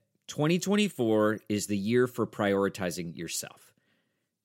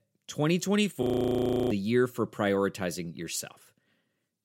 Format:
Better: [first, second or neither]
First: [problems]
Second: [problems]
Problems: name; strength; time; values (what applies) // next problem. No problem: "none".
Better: first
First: none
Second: audio freezing; at 1 s for 0.5 s